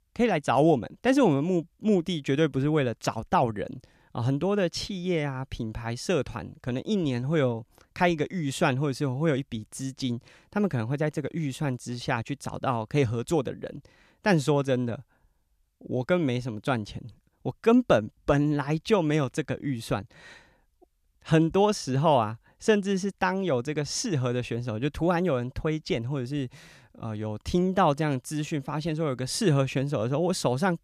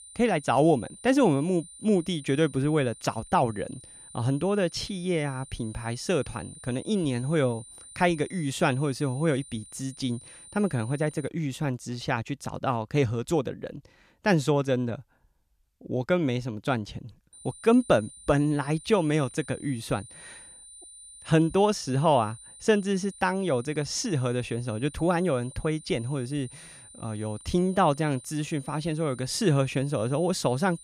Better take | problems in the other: first | high-pitched whine; noticeable; until 11 s and from 17 s on; 9 kHz, 20 dB below the speech

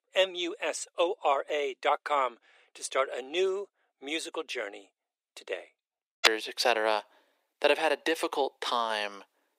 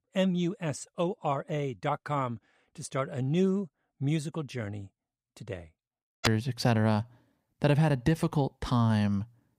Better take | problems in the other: second | thin; very; fading below 350 Hz

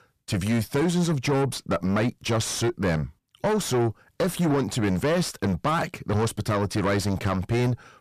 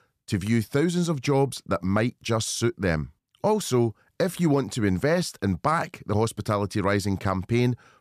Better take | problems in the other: second | distortion; heavy; 7 dB below the speech

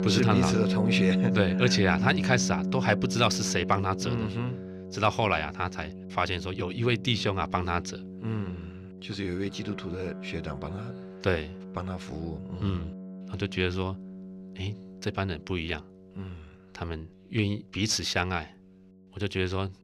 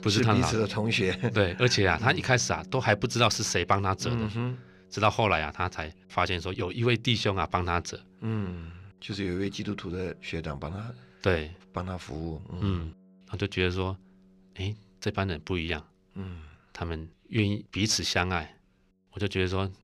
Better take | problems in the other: second | background music; loud; throughout; 4 dB below the speech; faint in the second

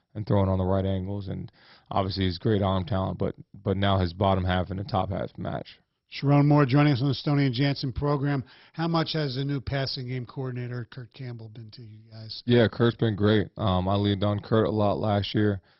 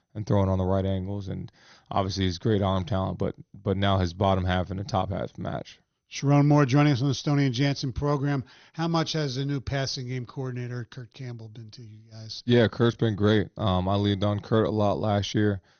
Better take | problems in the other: second | garbled, watery; badly; nothing above 5.5 kHz; slightly in the second

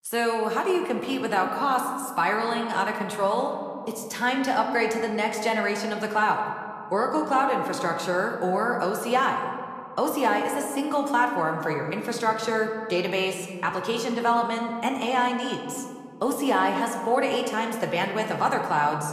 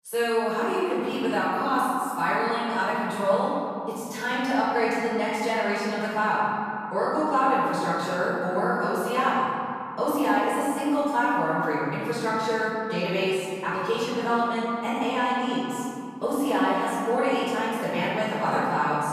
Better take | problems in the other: first | room echo; strong; dies away in 2.6 s; slight in the first // off-mic speech; far

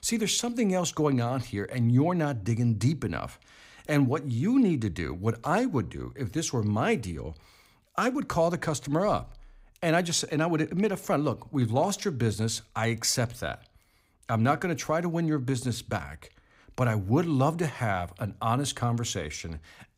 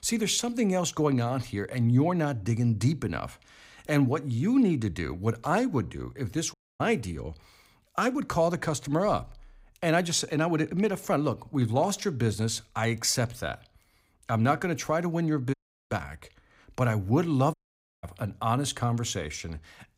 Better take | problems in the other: first | audio cutting out; at 6.5 s, at 16 s and at 18 s

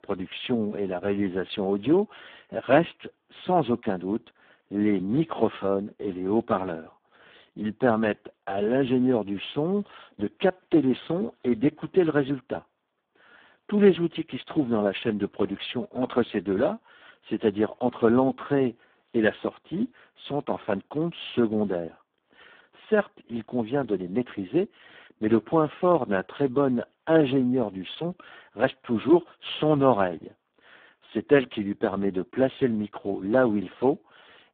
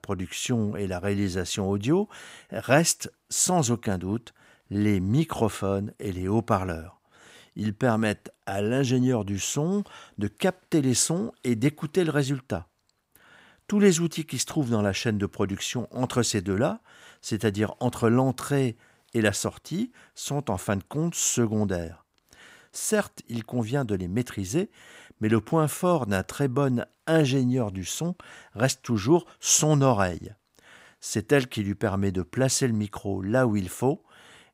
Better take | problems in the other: second | phone-call audio; poor line; nothing above 3.5 kHz

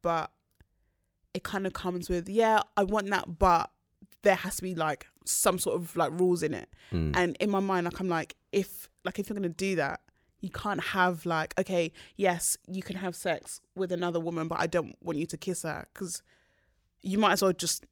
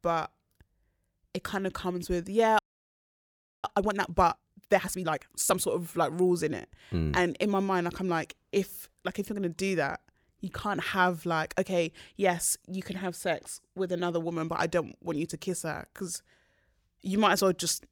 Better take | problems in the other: first | audio freezing; at 2.5 s for 1 s

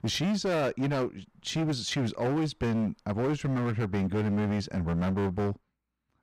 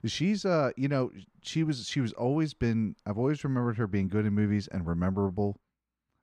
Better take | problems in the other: second | distortion; heavy; 22% of the sound clipped

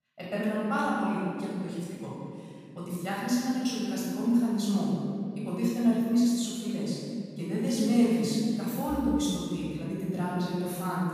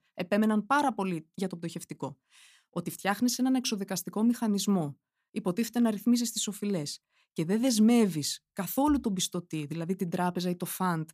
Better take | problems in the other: second | off-mic speech; far // room echo; strong; dies away in 2.5 s

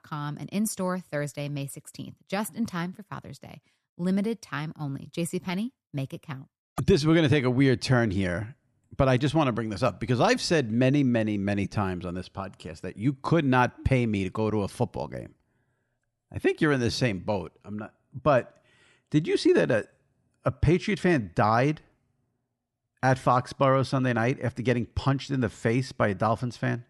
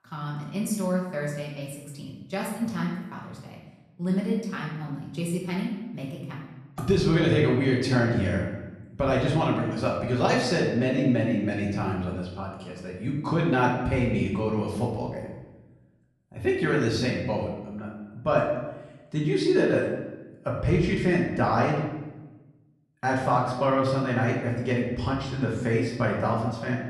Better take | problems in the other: first | off-mic speech; far // room echo; noticeable; dies away in 0.9 s

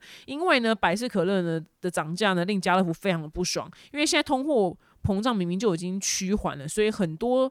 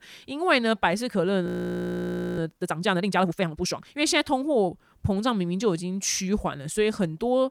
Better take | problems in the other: first | audio freezing; at 1.5 s for 1 s

